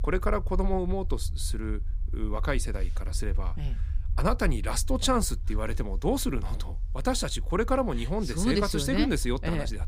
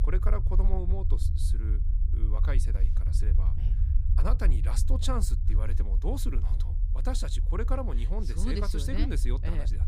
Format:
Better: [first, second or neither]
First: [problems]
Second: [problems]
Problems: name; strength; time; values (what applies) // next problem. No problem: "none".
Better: first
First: low rumble; faint; throughout; 25 dB below the speech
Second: low rumble; loud; throughout; 9 dB below the speech